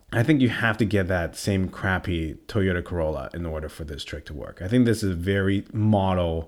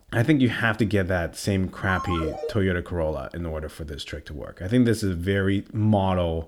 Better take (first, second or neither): first